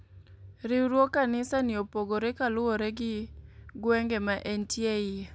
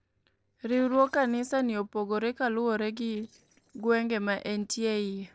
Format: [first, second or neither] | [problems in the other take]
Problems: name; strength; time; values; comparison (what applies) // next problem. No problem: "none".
first | noise reduction (neural separator model SepFormer DNS4)